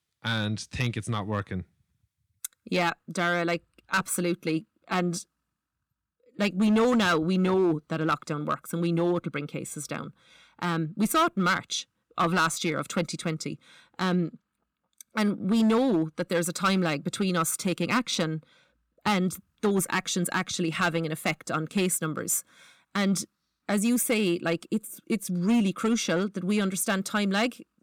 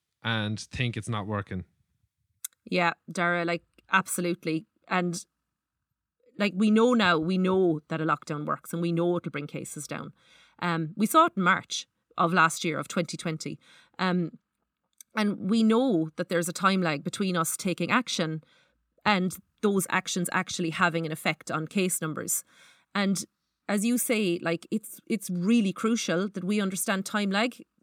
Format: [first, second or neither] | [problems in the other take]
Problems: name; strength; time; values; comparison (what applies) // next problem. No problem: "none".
second | distortion; slight; 4% of the sound clipped